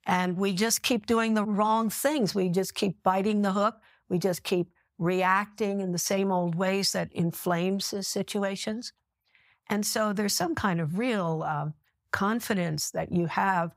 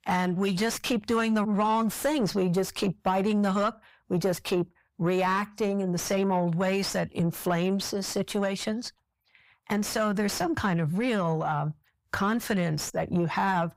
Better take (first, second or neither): first